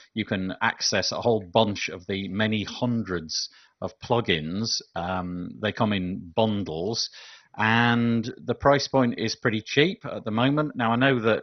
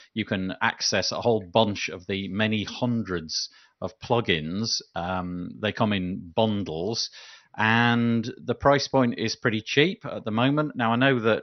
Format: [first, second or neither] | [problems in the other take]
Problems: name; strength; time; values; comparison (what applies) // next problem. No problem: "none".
second | garbled, watery; badly; nothing above 6 kHz; slightly in the second